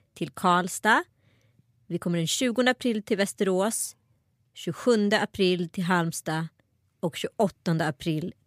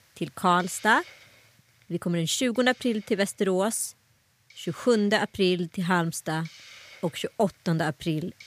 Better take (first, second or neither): first